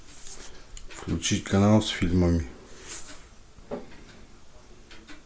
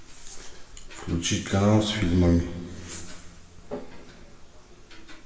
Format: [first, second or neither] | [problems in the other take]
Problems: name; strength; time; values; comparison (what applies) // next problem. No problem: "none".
first | room echo; dies away in 1.7 s